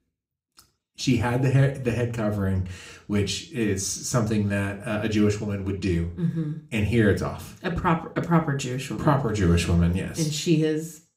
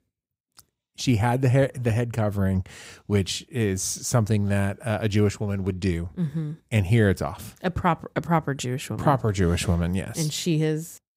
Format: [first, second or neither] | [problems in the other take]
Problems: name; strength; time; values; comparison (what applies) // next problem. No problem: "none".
second | room echo; very slight; dies away in 0.4 s // off-mic speech; somewhat distant